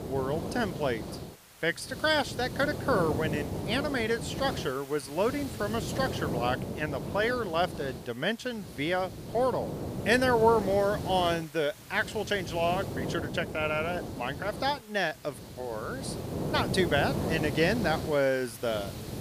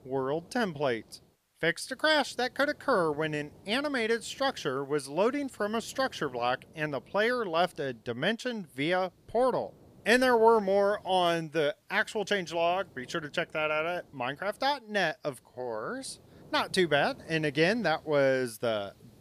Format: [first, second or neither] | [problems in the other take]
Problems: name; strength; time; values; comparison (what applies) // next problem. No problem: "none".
second | hiss; loud; throughout; 6 dB below the speech; faint in the second